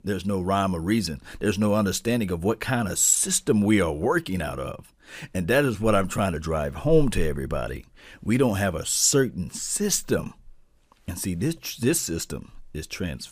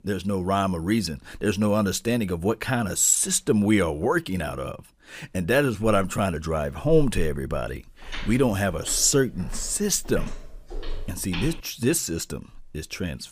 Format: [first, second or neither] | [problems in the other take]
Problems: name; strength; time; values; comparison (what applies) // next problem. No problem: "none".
first | footsteps; noticeable; from 8 to 12 s; peak 10 dB below the speech